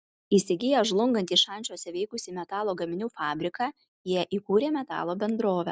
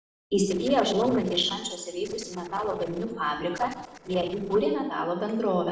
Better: first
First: none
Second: noise reduction (neural separator model SepFormer DNS4)

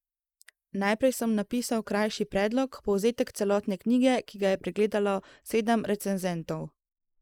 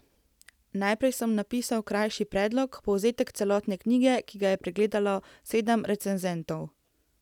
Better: second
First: noise reduction (neural mask model Resemble Enhance denoiser)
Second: none

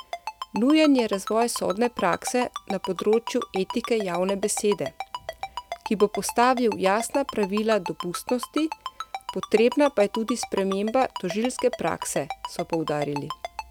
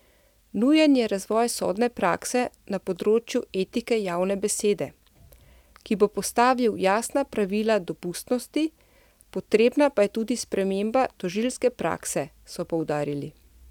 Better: second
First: background sound (Ringtone); 11 dB below the speech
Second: none

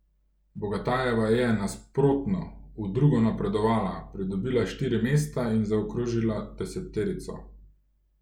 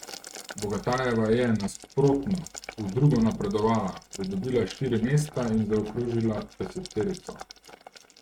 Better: first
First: none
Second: noise reduction (neural mask model RNNoise)

